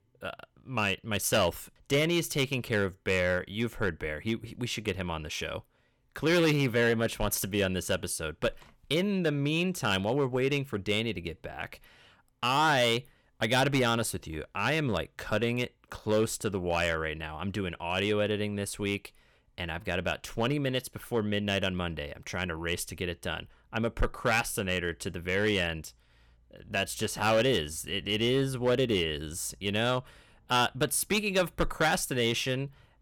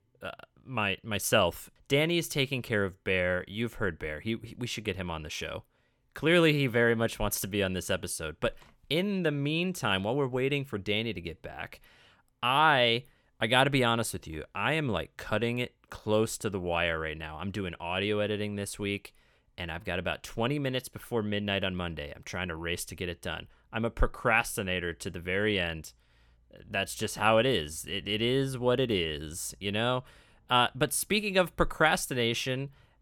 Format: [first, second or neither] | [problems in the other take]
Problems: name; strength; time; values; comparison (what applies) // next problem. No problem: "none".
second | distortion; slight; 3% of the sound clipped